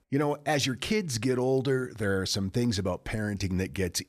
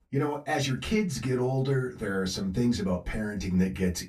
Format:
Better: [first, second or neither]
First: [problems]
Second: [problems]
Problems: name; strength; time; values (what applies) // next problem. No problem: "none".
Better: first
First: none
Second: off-mic speech; far // room echo; very slight; dies away in 0.2 s